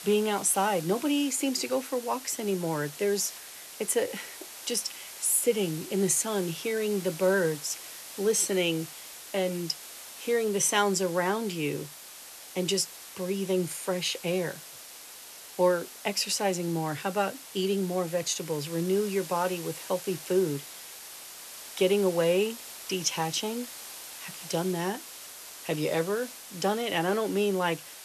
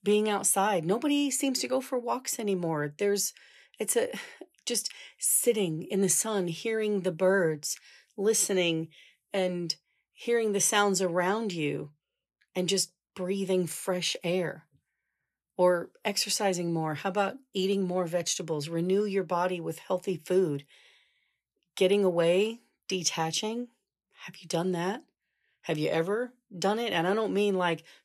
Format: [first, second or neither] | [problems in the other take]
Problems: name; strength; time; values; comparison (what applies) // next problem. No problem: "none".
second | hiss; noticeable; throughout; 15 dB below the speech